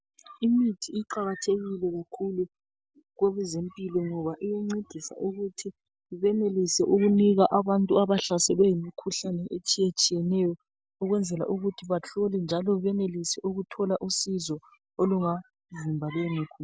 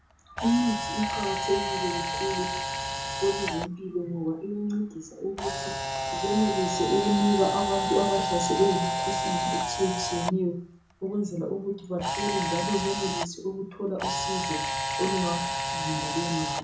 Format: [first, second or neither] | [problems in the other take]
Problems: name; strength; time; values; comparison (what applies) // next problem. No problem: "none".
first | background sound (Camera); 2 dB below the speech // room echo; dies away in 0.6 s